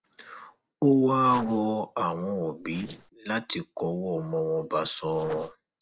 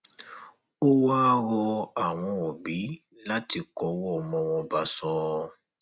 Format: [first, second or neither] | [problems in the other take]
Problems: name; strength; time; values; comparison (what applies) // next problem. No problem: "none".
second | noise reduction (neural separator model SepFormer DNS4)